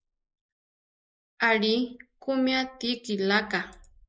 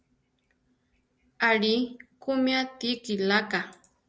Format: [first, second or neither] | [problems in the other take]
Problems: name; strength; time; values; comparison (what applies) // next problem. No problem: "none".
second | noise reduction (neural mask model Resemble Enhance denoiser)